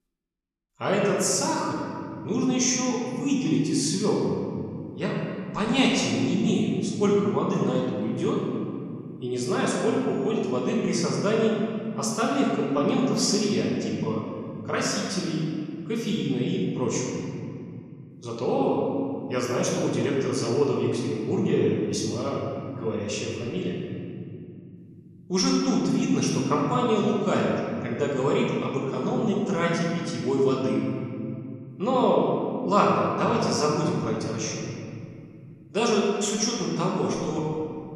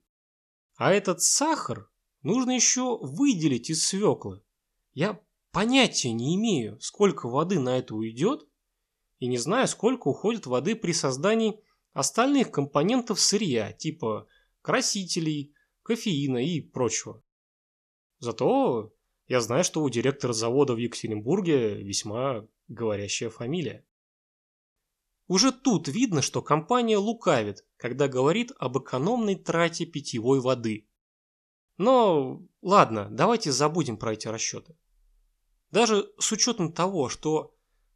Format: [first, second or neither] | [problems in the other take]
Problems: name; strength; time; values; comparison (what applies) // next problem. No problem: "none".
second | room echo; noticeable; dies away in 3 s // off-mic speech; far